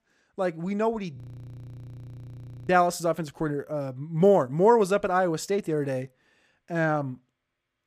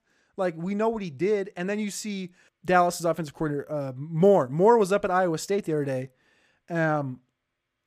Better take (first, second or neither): second